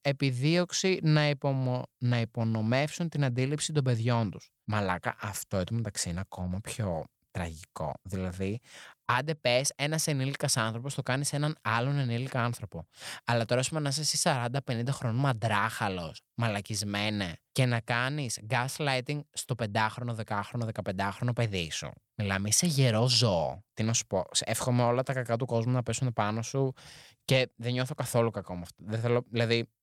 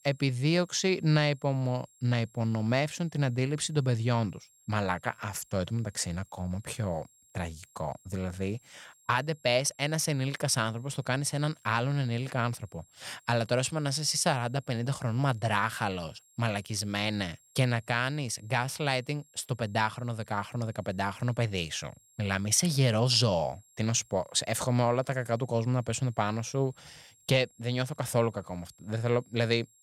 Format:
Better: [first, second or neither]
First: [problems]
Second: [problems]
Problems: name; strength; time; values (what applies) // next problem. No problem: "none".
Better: first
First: none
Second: high-pitched whine; faint; throughout; 7.5 kHz, 30 dB below the speech